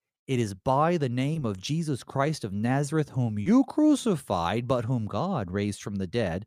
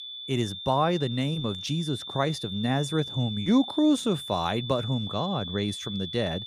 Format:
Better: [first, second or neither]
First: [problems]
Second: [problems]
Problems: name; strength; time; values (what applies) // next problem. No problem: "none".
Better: first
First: none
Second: high-pitched whine; loud; throughout; 3.5 kHz, 8 dB below the speech